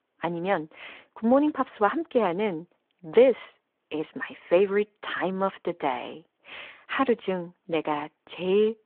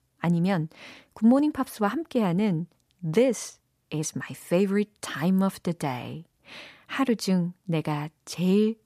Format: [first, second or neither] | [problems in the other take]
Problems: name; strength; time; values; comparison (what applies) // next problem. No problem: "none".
second | phone-call audio